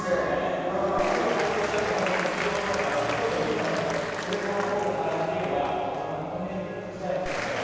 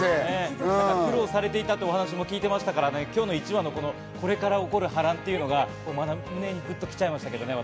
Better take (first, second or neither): second